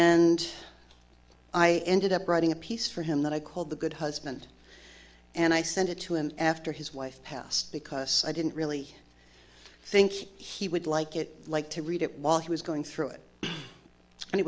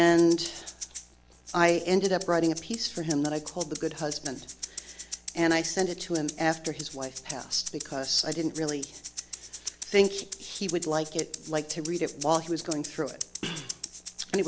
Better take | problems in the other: first | background sound (Rattle (instrument)); 12 dB below the speech

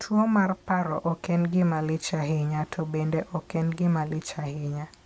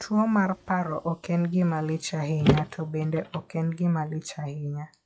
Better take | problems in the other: first | noise reduction (classical method log-MMSE)

